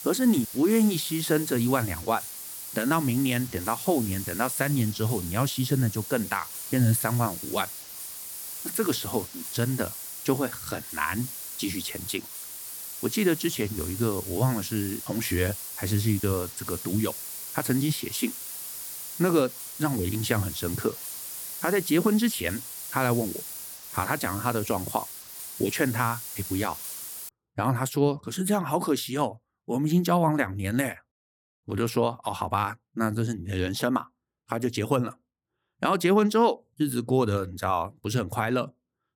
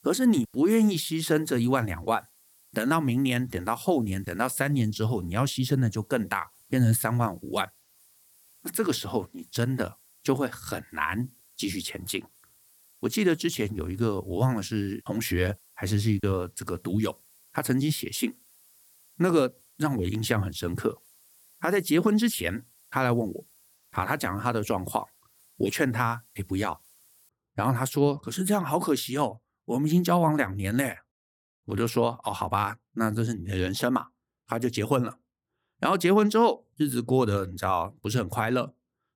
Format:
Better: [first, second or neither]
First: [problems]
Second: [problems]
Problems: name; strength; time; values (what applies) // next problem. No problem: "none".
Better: second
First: hiss; loud; until 27 s; 8 dB below the speech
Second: hiss; faint; until 27 s; 30 dB below the speech